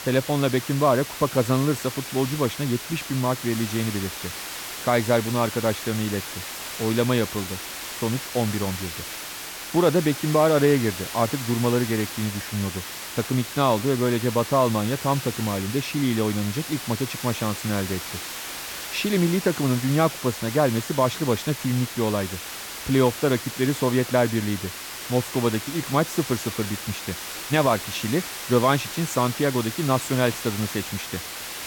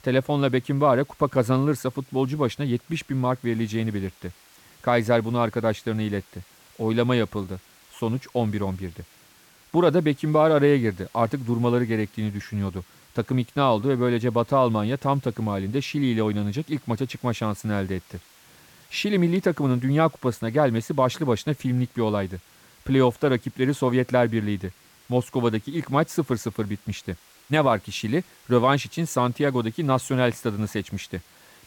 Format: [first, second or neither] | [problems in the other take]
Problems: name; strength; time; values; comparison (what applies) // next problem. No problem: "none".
second | hiss; loud; throughout; 8 dB below the speech; faint in the second